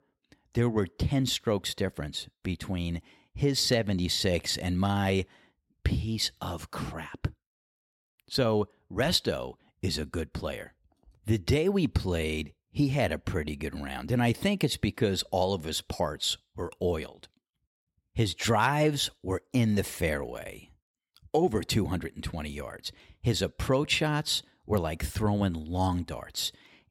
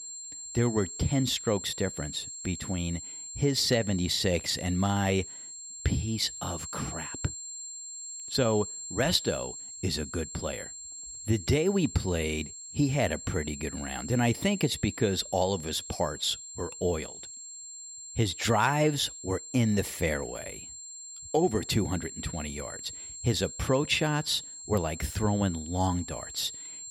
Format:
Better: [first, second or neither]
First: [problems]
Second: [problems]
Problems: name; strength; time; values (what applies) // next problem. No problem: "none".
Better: first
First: none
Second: high-pitched whine; loud; throughout; 7.5 kHz, 10 dB below the speech